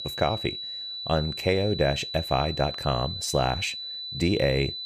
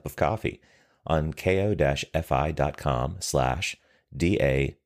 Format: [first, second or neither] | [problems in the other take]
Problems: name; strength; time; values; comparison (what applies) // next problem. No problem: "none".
second | high-pitched whine; loud; throughout; 4 kHz, 6 dB below the speech